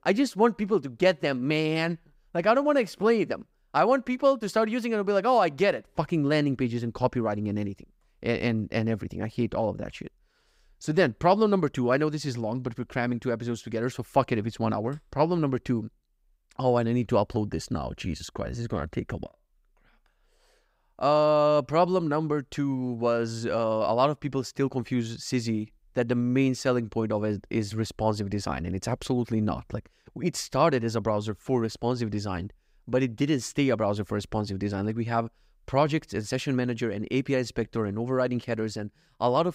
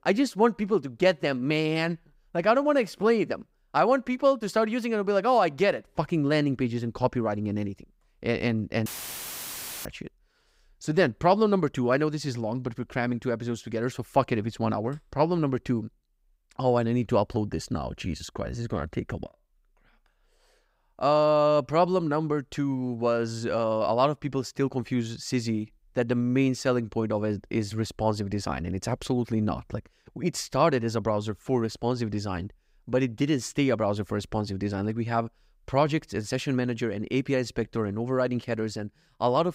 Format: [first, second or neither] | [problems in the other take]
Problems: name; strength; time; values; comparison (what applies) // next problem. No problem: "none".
first | audio cutting out; filled with static; at 9 s for 1 s